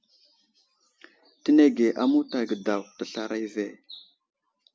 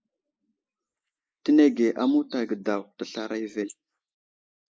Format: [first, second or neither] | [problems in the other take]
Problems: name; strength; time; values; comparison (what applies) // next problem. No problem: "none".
first | noise reduction (neural mask model Resemble Enhance denoiser)